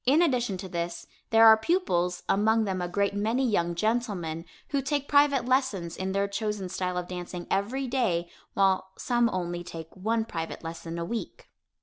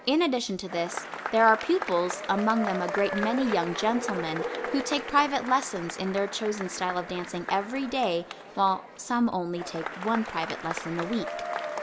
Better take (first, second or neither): first